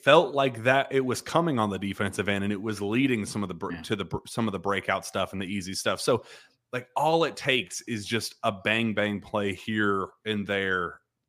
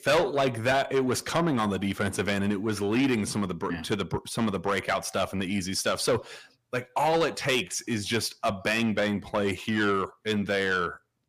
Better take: first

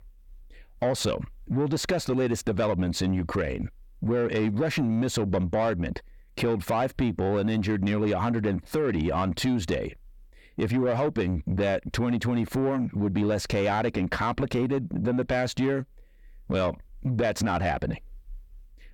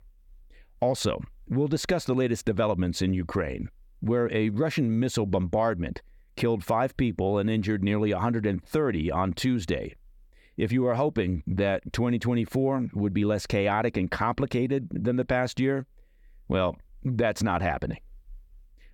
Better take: second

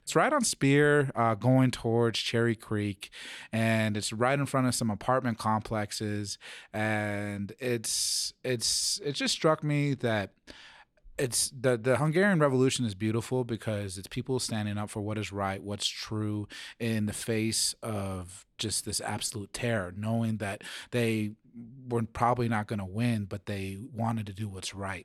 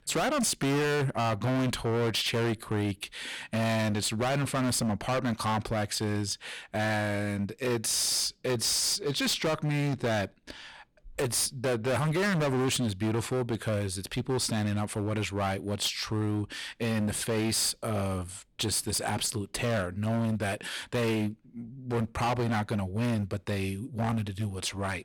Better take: first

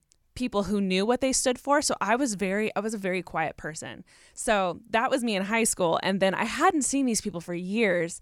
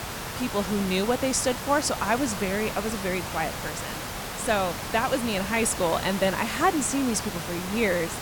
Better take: first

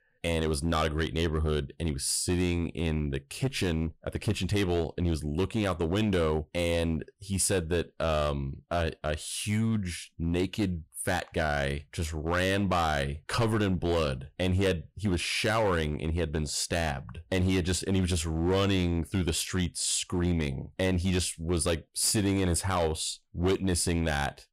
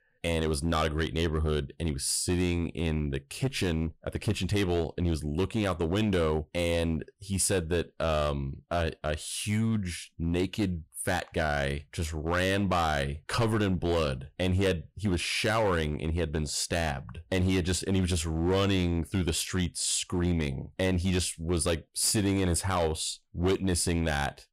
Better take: neither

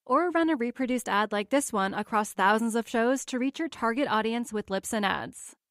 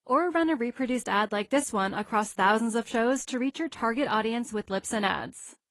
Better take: first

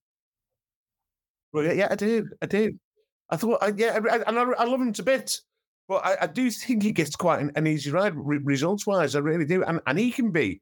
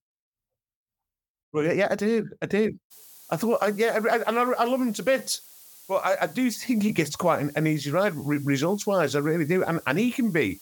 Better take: first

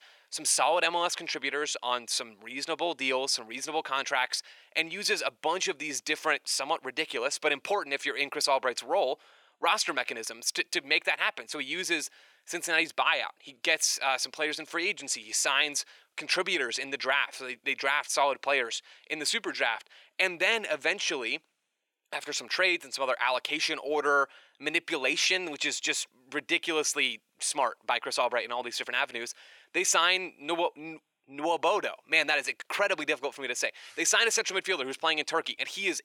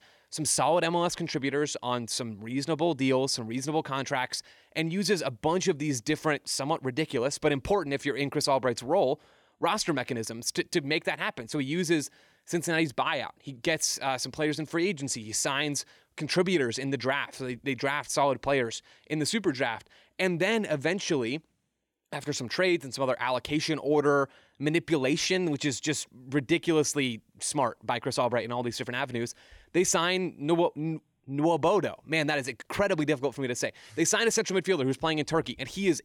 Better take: second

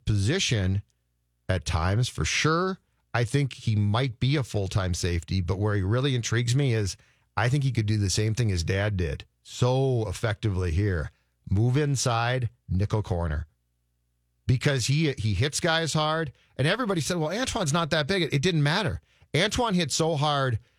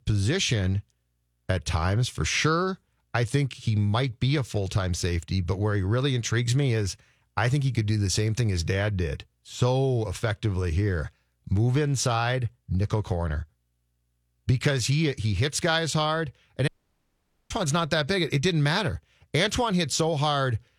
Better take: first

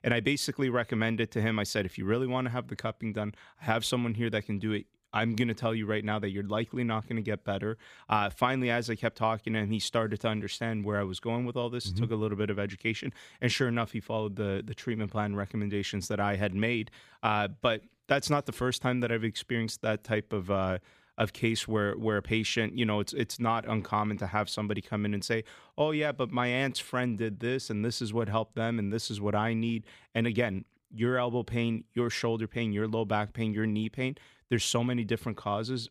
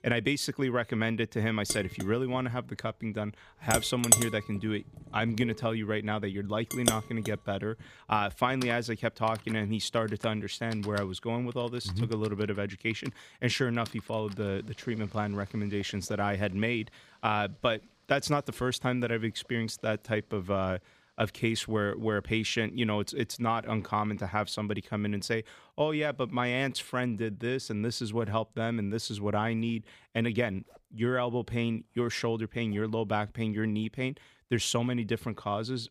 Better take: first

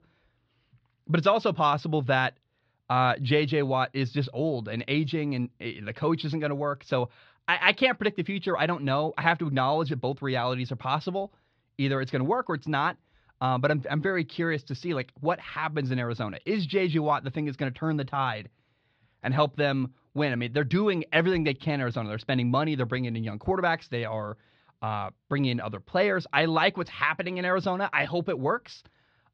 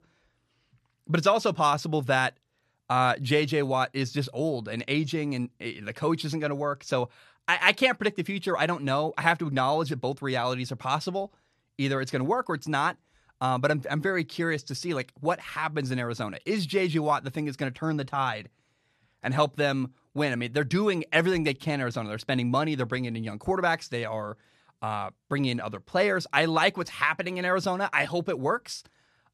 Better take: second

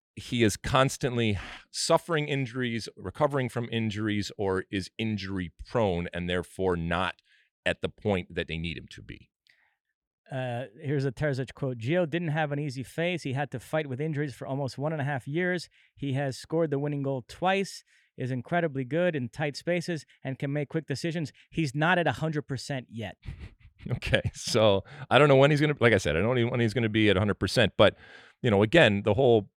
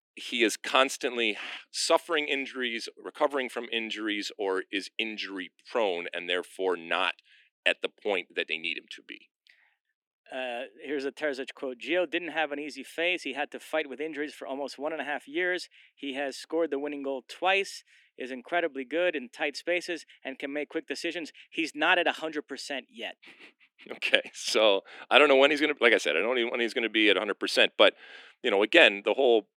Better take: first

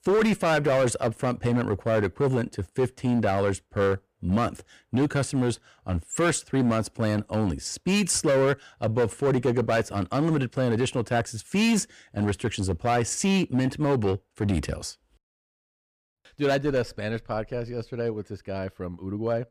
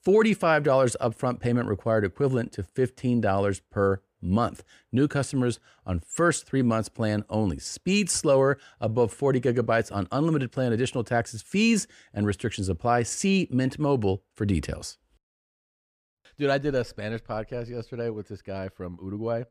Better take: second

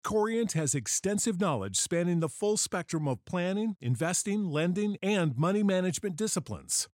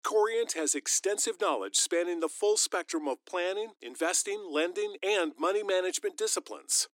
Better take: first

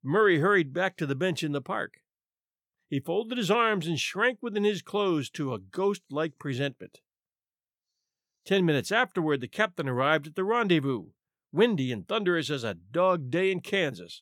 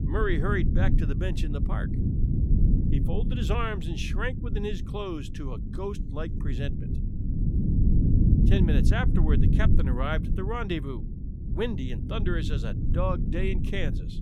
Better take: first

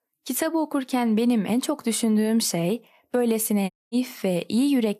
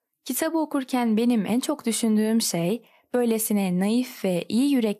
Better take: second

